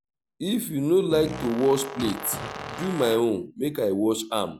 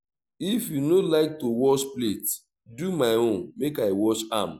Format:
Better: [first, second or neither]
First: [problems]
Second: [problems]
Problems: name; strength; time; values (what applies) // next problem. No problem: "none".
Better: second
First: background sound (Fart + Brass instrument); 11 dB below the speech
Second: none